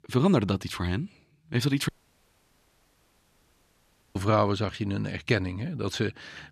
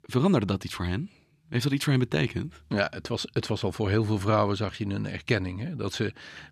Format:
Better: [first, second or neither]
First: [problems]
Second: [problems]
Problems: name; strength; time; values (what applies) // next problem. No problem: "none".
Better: second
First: audio cutting out; at 2 s for 2.5 s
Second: none